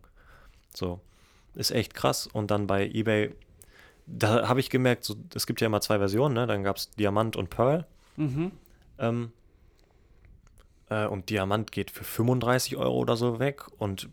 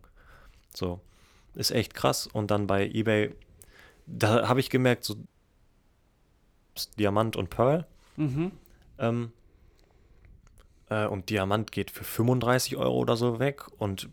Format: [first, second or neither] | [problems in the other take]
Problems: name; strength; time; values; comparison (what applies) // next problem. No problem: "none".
first | audio cutting out; at 5.5 s for 1.5 s